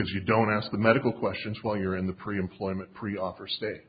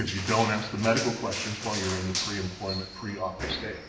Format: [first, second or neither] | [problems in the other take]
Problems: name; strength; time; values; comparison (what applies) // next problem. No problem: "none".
first | background sound (Crushing); 6 dB below the speech // room echo; dies away in 1.3 s